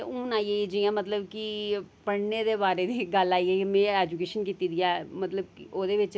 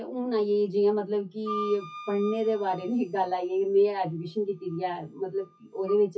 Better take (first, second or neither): first